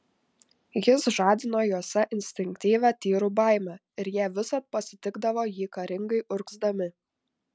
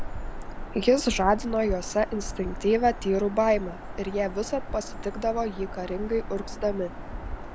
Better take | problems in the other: first | background sound (Bird vocalization, bird call, bird song); 7 dB below the speech

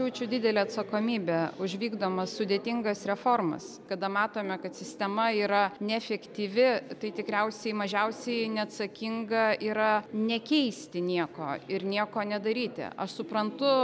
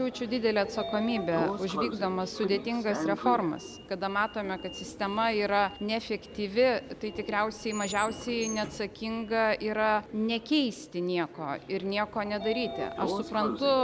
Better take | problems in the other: first | background sound (Sliding door); 10 dB below the speech

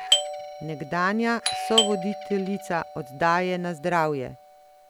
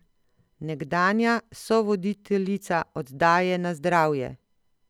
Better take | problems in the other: second | background sound (Doorbell); 4 dB below the speech

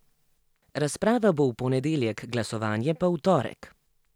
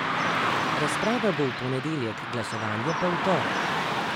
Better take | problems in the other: first | background sound (Car passing by / Traffic noise, roadway noise); 2 dB above the speech

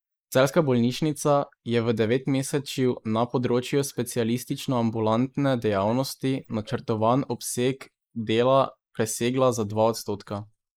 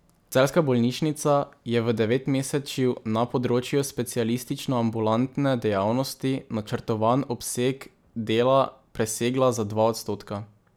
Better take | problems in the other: second | noise reduction (neural mask model Resemble Enhance denoiser)

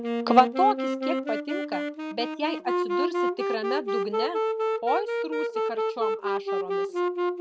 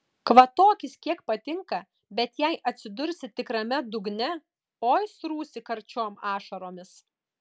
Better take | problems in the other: second | background sound (Wind instrument, woodwind instrument); 1 dB above the speech

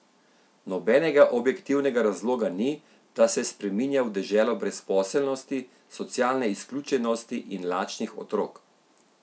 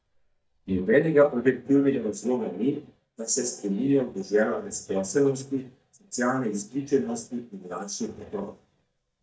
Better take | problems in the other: first | noise reduction (neural mask model DeepFilterNet 3)

